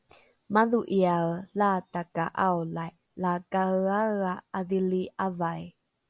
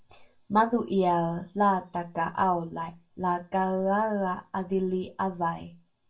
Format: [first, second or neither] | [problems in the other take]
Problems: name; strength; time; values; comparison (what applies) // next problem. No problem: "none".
first | room echo; dies away in 0.2 s